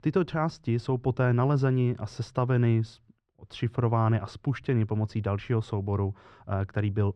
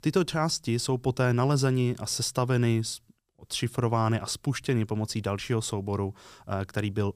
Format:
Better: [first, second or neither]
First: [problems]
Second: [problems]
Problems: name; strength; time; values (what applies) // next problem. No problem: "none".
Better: second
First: muffled; very; fading above 2 kHz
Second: none